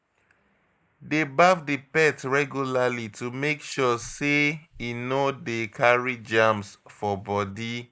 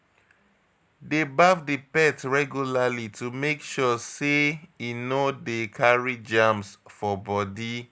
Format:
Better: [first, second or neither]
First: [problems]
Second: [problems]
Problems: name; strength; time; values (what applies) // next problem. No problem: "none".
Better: second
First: noise reduction (neural mask model Resemble Enhance denoiser)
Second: none